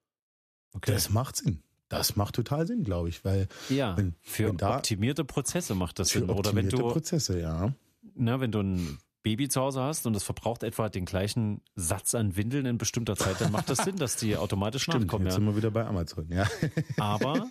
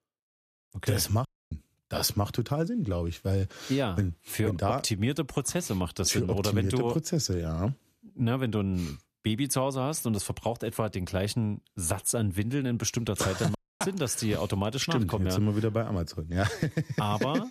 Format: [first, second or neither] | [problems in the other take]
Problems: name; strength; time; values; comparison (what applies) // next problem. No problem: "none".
first | audio cutting out; at 1.5 s and at 14 s